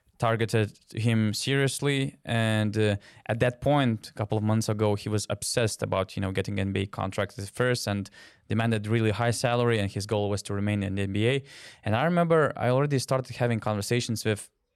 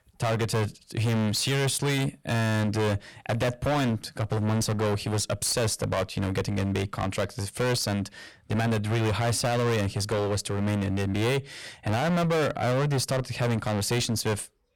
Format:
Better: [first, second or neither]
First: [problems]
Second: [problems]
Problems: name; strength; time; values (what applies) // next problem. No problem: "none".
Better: first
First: none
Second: distortion; heavy; 23% of the sound clipped